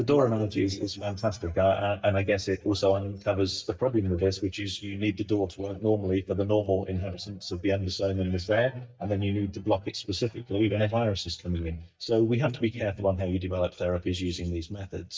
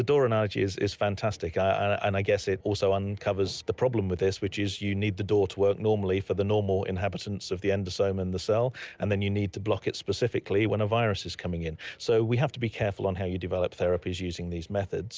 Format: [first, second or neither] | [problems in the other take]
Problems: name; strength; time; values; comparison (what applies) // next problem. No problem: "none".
second | noise reduction (neural mask model DeepFilterNet 3)